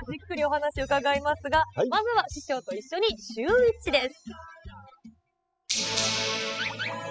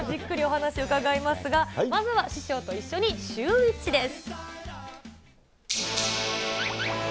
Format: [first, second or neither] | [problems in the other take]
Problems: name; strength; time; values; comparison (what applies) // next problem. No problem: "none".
second | noise reduction (classical method spectral subtraction)